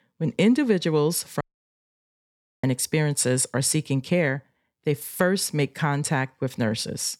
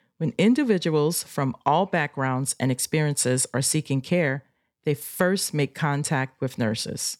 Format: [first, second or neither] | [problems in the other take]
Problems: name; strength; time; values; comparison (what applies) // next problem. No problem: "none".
second | audio cutting out; at 1.5 s for 1 s